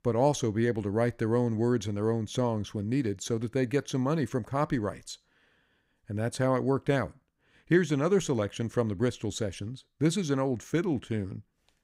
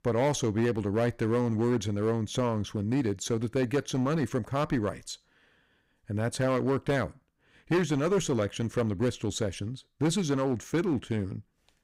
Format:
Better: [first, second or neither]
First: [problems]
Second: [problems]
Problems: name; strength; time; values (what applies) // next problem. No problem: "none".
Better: first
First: none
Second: distortion; slight; 8% of the sound clipped